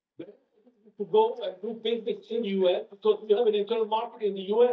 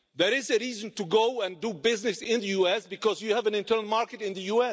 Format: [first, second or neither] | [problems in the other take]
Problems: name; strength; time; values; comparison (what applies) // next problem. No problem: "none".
second | noise reduction (neural mask model DeepFilterNet 3)